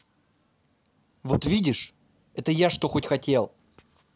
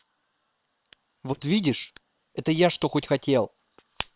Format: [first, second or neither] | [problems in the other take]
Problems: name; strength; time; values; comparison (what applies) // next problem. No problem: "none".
first | noise reduction (neural separator model SepFormer WHAM!)